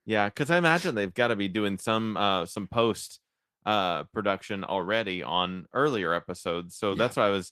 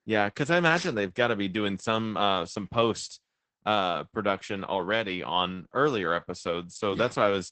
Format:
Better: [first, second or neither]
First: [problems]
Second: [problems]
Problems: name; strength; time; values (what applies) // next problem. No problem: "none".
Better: first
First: garbled, watery; slightly; nothing above 14 kHz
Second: garbled, watery; badly; nothing above 8 kHz